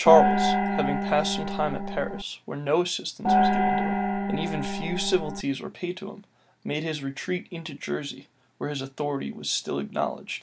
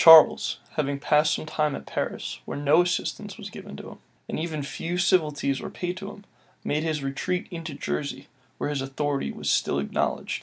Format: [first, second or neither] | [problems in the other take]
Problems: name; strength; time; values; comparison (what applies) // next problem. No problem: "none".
second | background sound (Gong); 3 dB above the speech